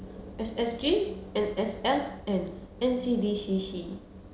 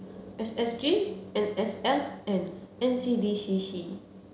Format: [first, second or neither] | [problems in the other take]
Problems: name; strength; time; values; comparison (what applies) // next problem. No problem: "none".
second | background sound (Aircraft); 19 dB below the speech